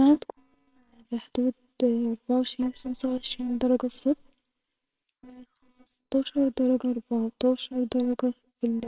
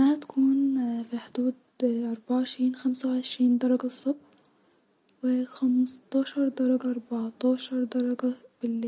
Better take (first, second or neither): second